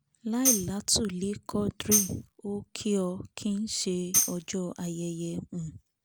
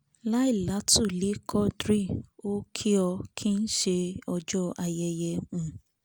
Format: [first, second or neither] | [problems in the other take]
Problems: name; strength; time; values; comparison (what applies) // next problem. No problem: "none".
second | background sound (Tambourine); 1 dB below the speech